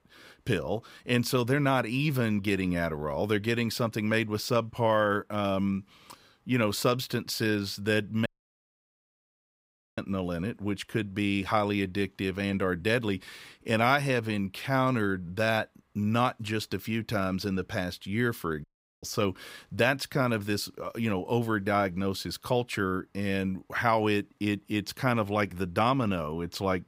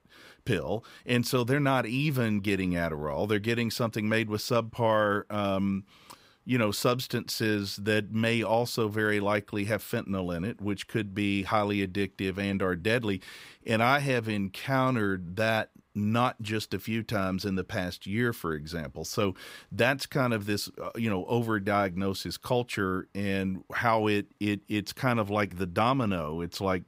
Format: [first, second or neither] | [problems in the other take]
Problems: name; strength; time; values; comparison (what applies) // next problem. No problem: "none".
second | audio cutting out; at 8.5 s for 1.5 s and at 19 s